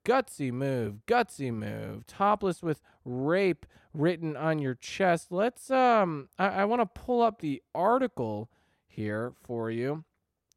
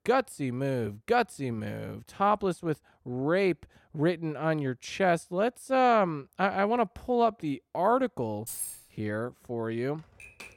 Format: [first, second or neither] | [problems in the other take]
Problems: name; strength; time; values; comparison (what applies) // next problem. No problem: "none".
first | jangling keys; noticeable; at 8.5 s; peak 6 dB below the speech // keyboard typing; faint; at 10 s; peak 15 dB below the speech